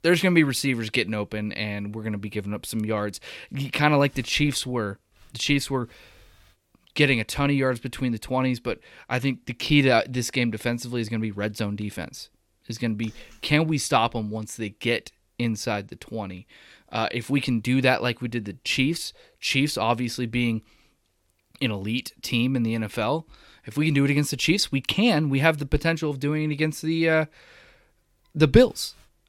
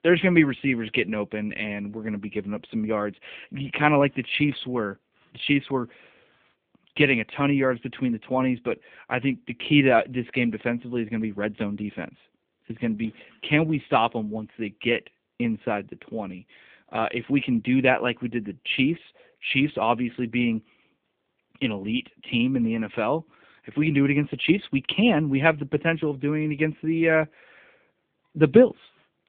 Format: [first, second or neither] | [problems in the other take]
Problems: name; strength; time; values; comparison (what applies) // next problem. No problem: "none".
first | phone-call audio